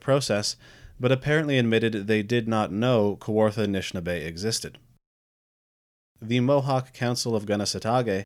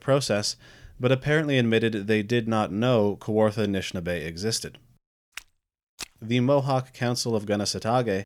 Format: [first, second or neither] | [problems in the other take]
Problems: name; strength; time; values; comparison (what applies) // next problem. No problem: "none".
first | footsteps; faint; at 5.5 s; peak 15 dB below the speech